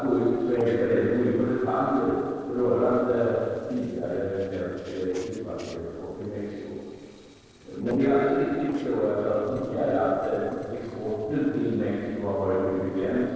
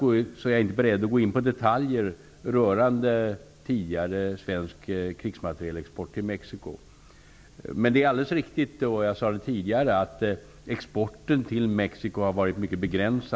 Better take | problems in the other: second | noise reduction (neural separator model SepFormer DNS4)

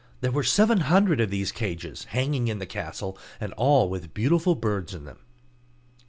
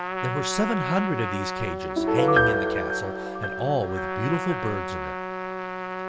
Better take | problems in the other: first | background sound (Piano + Trumpet); 3 dB above the speech

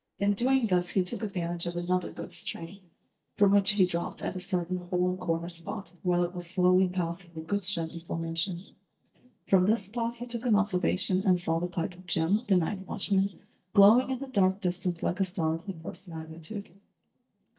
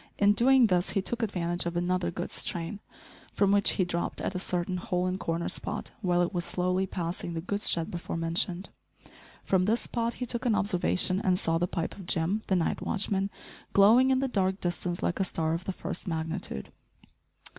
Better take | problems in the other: second | noise reduction (neural mask model DeepFilterNet 3)

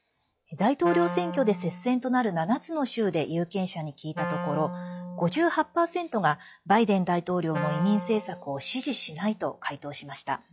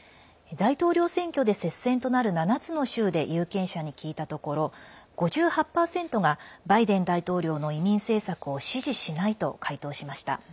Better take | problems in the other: second | noise reduction (classical method log-MMSE)

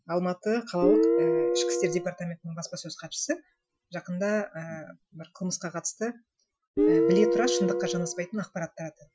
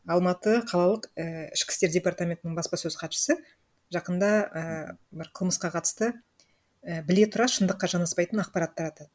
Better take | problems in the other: second | noise reduction (classical method Wiener filter)

